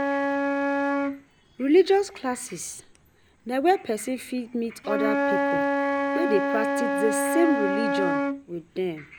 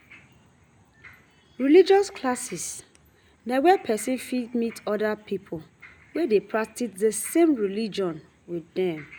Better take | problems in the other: second | background sound (Wind instrument, woodwind instrument); as loud as the speech

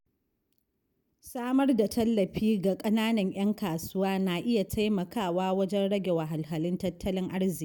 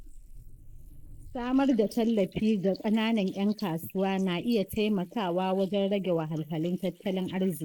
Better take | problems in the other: first | noise reduction (neural mask model Resemble Enhance denoiser)

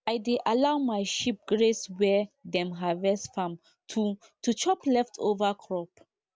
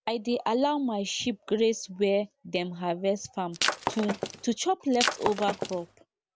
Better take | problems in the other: first | background sound (Shatter); 3 dB below the speech

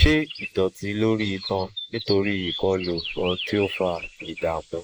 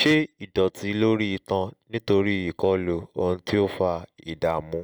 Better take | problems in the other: second | noise reduction (neural mask model Resemble Enhance denoiser)

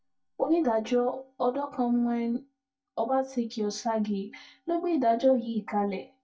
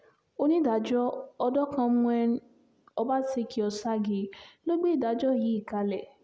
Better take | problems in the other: second | noise reduction (neural mask model DeepFilterNet 3)

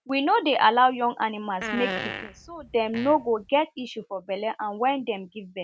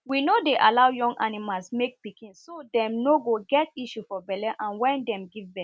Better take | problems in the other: second | background sound (Fart); 9 dB below the speech

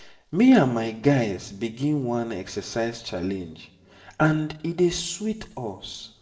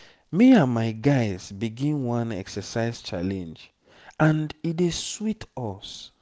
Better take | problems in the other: second | room echo; dies away in 0.6 s

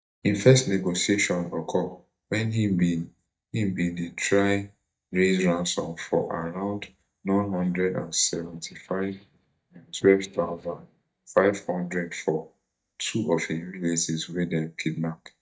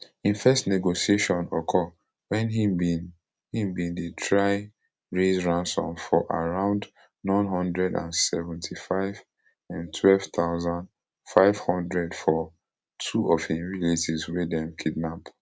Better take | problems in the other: second | noise reduction (neural mask model DeepFilterNet 3)

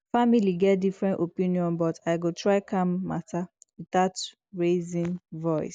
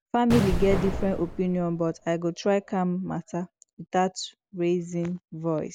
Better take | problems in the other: first | background sound (Explosion); 5 dB below the speech

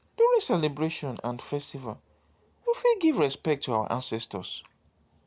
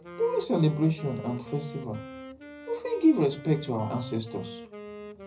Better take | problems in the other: first | background sound (Wind instrument, woodwind instrument); 14 dB below the speech // room echo; dies away in 0.4 s

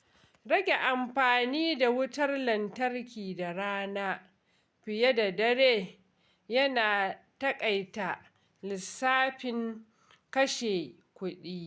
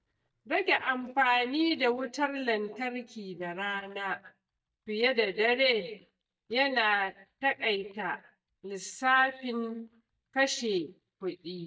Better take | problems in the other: first | noise reduction (neural mask model DeepFilterNet 3)

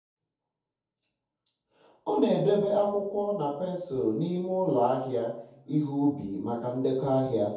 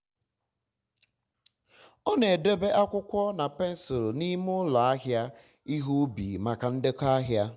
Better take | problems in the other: second | room echo; dies away in 0.6 s

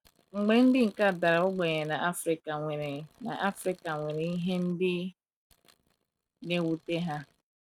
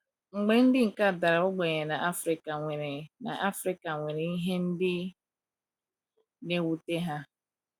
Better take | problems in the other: second | noise reduction (neural mask model RNNoise)

